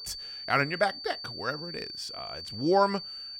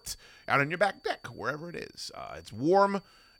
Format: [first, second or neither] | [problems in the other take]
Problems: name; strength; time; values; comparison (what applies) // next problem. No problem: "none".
second | high-pitched whine; loud; throughout; 4.5 kHz, 9 dB below the speech; faint in the second